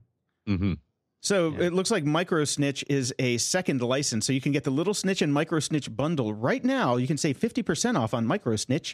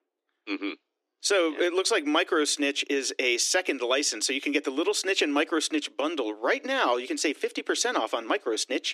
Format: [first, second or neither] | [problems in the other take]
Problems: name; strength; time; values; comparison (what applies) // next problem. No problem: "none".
first | thin; somewhat; fading below 300 Hz